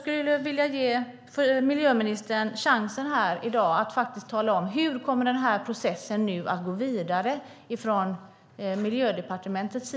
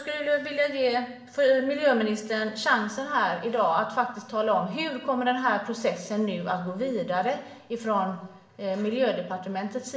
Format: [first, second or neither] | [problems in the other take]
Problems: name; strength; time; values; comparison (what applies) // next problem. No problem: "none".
first | room echo; dies away in 0.7 s